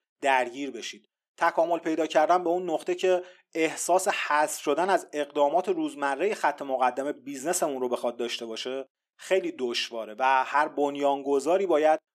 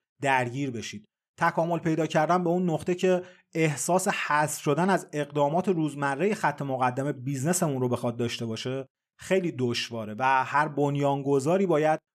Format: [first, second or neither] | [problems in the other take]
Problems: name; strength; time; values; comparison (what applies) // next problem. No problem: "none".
second | thin; somewhat; fading below 300 Hz